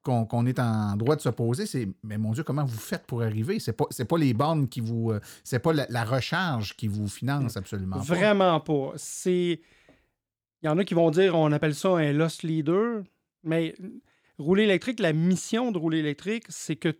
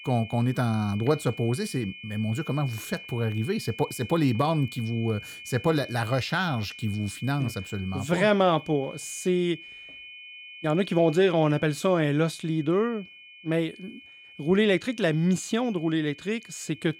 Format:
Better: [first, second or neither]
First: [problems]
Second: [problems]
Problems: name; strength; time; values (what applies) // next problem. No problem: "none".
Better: first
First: none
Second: high-pitched whine; noticeable; throughout; 2.5 kHz, 15 dB below the speech